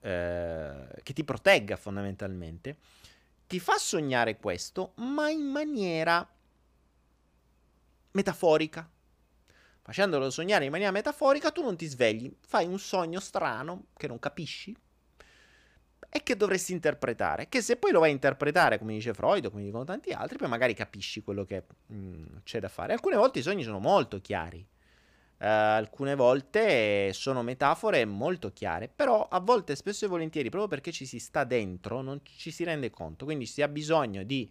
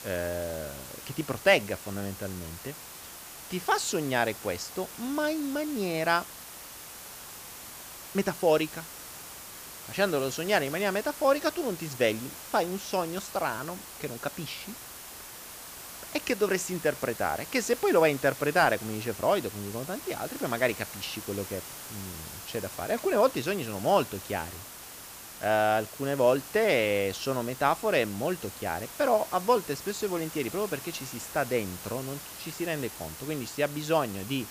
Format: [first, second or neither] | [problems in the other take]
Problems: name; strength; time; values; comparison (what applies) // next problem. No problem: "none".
first | hiss; noticeable; throughout; 10 dB below the speech